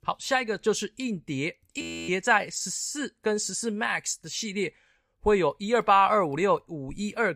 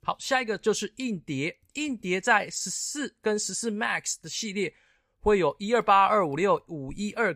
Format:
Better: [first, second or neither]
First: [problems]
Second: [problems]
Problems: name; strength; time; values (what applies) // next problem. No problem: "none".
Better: second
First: audio freezing; at 2 s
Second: none